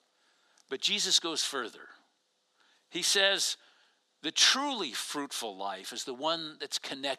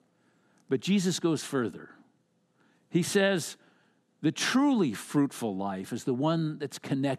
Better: second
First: thin; very; fading below 650 Hz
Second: none

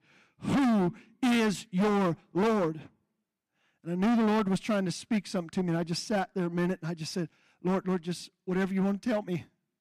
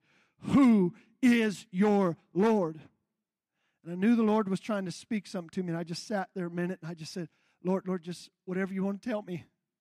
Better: second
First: distortion; heavy; 14% of the sound clipped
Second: none

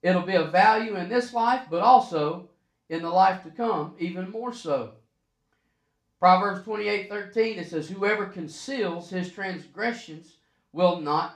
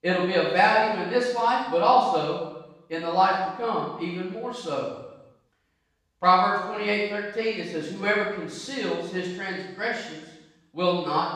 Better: first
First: room echo; slight; dies away in 0.3 s // off-mic speech; far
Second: room echo; strong; dies away in 0.9 s // off-mic speech; far

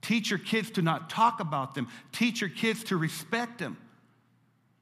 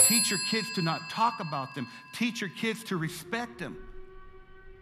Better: first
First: none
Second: alarms or sirens; very loud; throughout; 3 dB above the speech

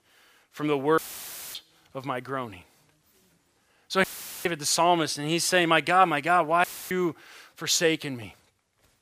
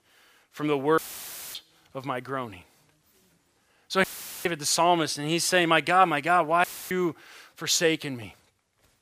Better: neither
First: audio cutting out; filled with static; at 1 s for 0.5 s, at 4 s and at 6.5 s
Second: audio cutting out; filled with static; at 1 s for 0.5 s, at 4 s and at 6.5 s

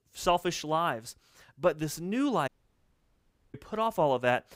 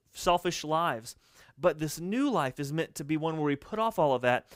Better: second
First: audio cutting out; at 2.5 s for 1 s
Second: none

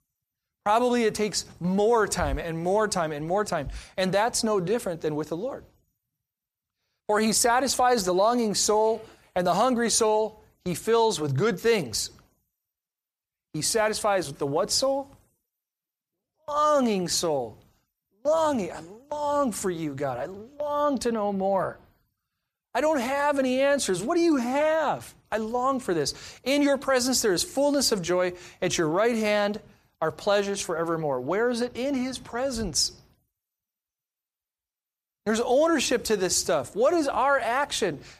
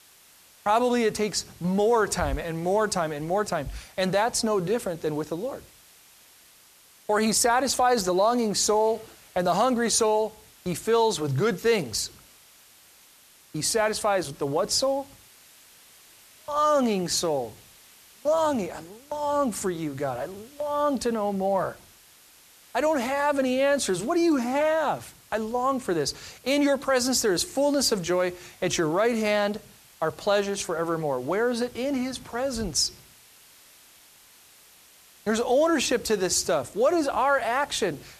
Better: first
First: none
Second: hiss; faint; throughout; 25 dB below the speech

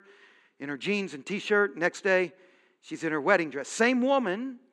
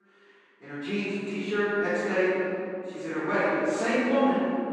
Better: first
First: none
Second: off-mic speech; far // room echo; strong; dies away in 3 s

